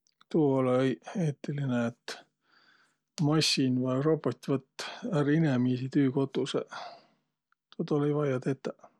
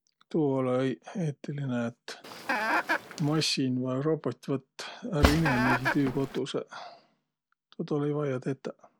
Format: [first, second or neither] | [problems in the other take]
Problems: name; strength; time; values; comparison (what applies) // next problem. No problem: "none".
first | background sound (Cutlery, silverware / Drawer open or close + Chicken, rooster); 2 dB above the speech